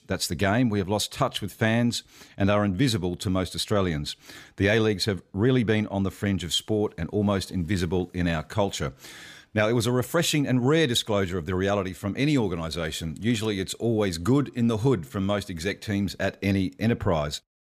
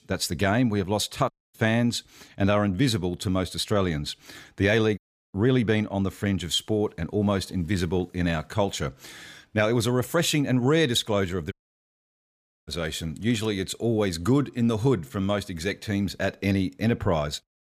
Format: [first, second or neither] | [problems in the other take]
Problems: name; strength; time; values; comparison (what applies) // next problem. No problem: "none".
first | audio cutting out; at 1.5 s, at 5 s and at 12 s for 1 s